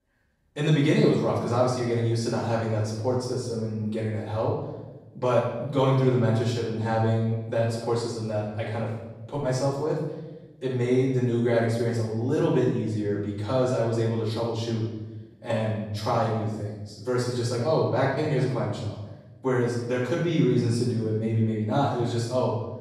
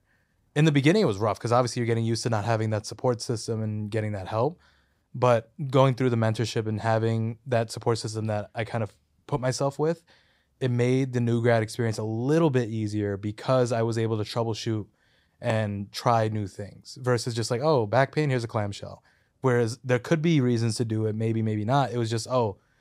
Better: second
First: room echo; noticeable; dies away in 1 s // off-mic speech; far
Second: none

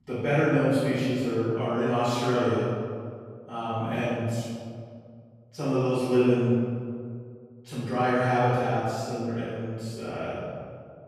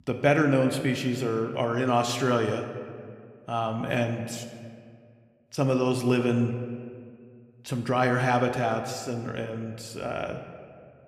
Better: second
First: room echo; strong; dies away in 1.9 s // off-mic speech; far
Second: room echo; slight; dies away in 1.4 s

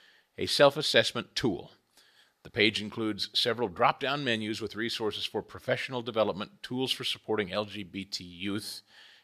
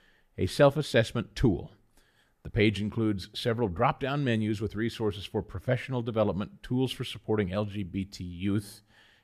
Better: second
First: thin; somewhat; fading below 600 Hz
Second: none

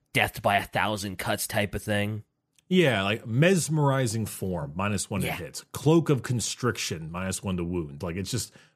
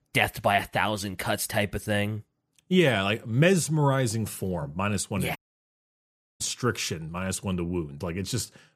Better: first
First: none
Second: audio cutting out; at 5.5 s for 1 s

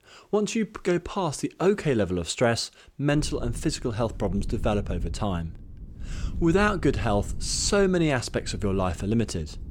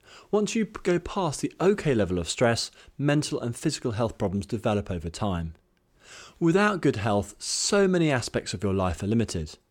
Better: second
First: low rumble; faint; from 3 s on; 25 dB below the speech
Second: none

